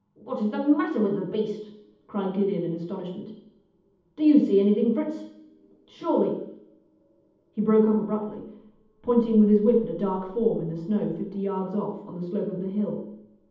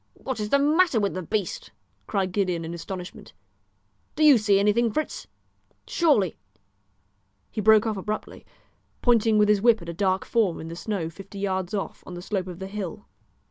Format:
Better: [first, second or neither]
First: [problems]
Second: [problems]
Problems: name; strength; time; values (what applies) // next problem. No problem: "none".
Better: second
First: room echo; dies away in 0.8 s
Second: none